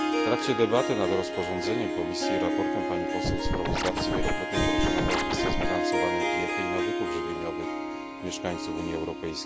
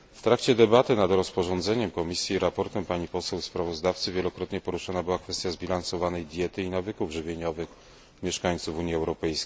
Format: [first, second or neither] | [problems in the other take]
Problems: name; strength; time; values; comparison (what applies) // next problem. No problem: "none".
second | background sound (Harp + Scratching (performance technique)); 4 dB above the speech